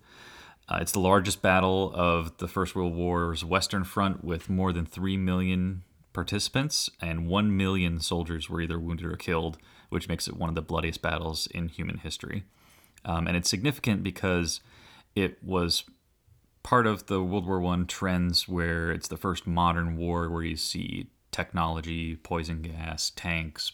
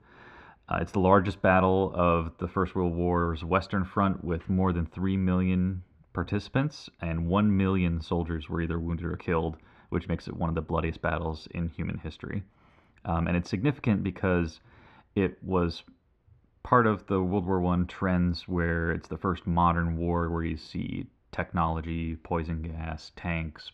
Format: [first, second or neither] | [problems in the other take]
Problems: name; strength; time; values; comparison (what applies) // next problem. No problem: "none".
first | muffled; very; fading above 2 kHz